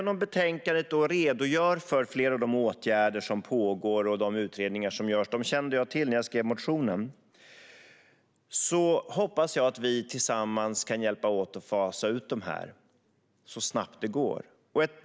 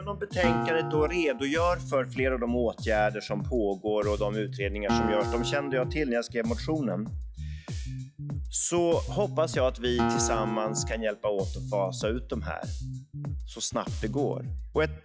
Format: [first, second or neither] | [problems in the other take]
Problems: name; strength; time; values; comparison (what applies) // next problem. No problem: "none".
first | noise reduction (classical method log-MMSE)